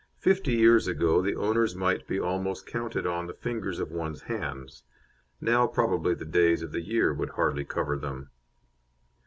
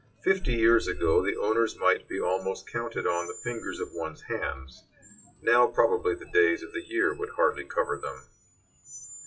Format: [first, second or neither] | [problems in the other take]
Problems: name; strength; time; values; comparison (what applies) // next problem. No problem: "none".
first | noise reduction (classical method WPE with log-MMSE)